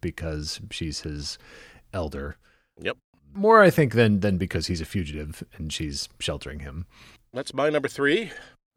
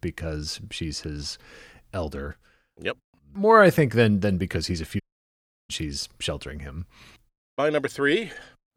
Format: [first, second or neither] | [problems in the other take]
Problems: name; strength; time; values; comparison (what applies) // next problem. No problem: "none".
first | audio cutting out; at 5 s for 0.5 s and at 7.5 s